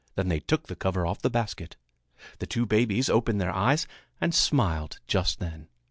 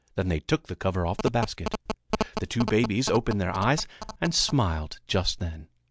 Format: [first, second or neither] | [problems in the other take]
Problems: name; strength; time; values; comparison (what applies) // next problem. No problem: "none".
first | background sound (Telephone); 7 dB below the speech